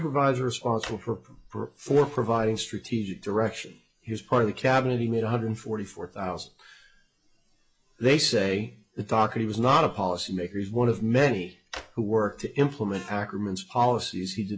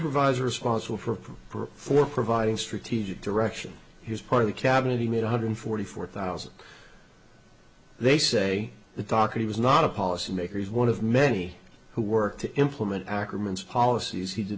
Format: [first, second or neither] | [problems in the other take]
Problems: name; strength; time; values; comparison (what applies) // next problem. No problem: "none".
second | noise reduction (classical method log-MMSE)